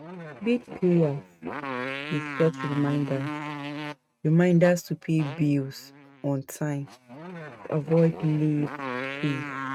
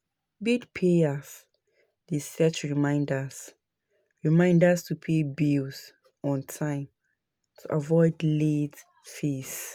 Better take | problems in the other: second | noise reduction (neural mask model RNNoise)

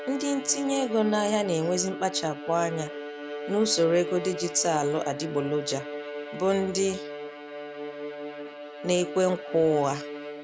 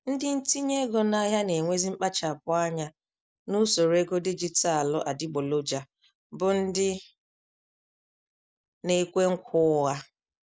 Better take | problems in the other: second | background sound (Bowed string instrument); 9 dB below the speech

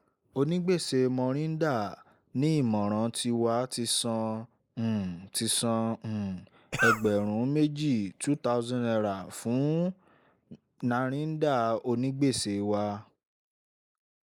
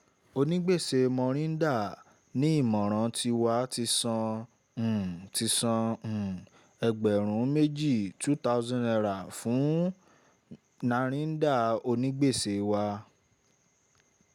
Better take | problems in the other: second | noise reduction (neural mask model Resemble Enhance denoiser)

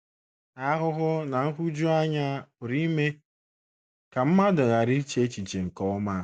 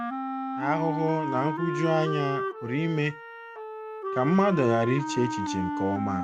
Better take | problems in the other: first | background sound (Wind instrument, woodwind instrument); 4 dB below the speech

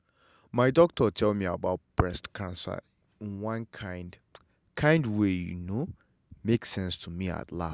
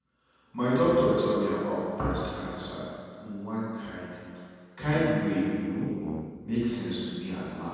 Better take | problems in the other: first | background sound (Brass instrument); 11 dB below the speech // room echo; dies away in 2.1 s

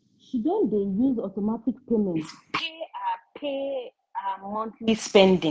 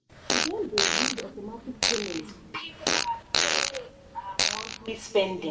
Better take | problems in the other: first | background sound (Fart); 4 dB above the speech // room echo; dies away in 1.6 s

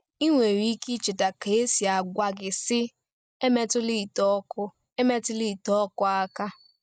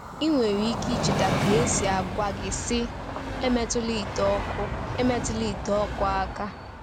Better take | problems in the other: first | background sound (Train); 2 dB below the speech

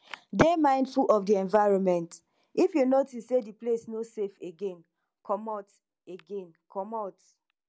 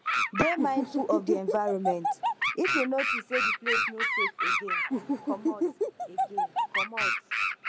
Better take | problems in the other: first | background sound (Animal); 4 dB above the speech

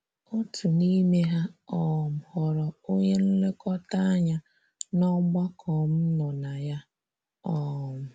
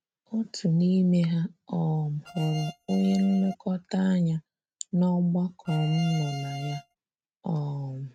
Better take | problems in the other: first | noise reduction (neural mask model RNNoise)

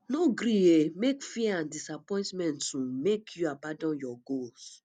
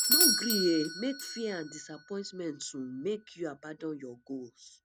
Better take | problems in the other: first | background sound (Bell / Doorbell); 1 dB above the speech

